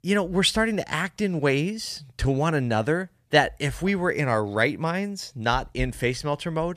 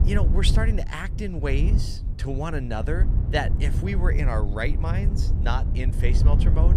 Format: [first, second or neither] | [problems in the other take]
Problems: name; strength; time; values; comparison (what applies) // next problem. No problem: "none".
first | wind noise on the microphone; heavy; 8 dB below the speech